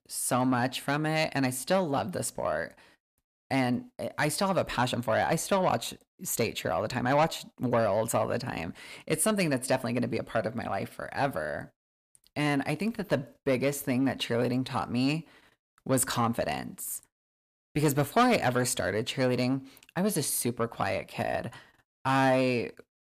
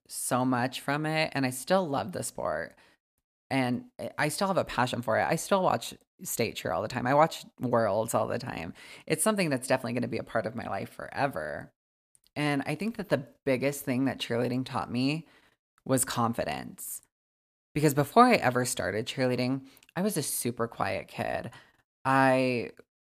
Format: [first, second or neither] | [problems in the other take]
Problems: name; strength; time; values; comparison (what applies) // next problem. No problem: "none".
second | distortion; slight; 10 dB below the speech